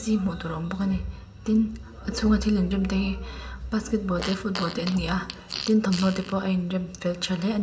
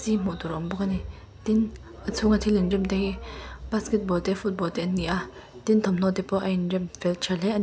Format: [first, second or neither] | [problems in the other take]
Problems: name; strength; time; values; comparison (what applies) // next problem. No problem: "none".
second | background sound (Fart); 13 dB below the speech // room echo; dies away in 1.6 s